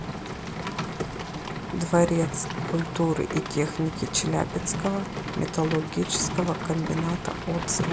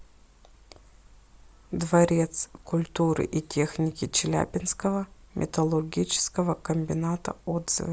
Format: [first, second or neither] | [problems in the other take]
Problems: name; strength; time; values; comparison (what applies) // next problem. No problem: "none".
second | background sound (Rain); 5 dB below the speech